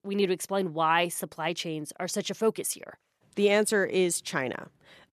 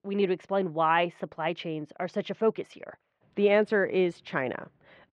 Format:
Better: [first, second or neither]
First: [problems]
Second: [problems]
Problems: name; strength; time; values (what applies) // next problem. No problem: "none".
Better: first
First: none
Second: muffled; very; fading above 2.5 kHz